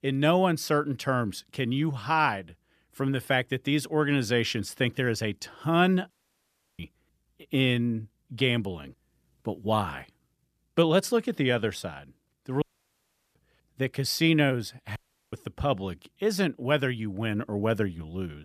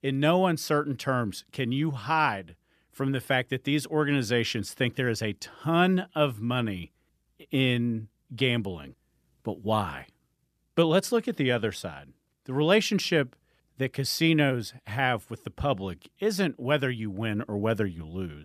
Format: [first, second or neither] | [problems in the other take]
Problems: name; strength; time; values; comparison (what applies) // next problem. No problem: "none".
second | audio cutting out; at 6 s for 0.5 s, at 13 s for 0.5 s and at 15 s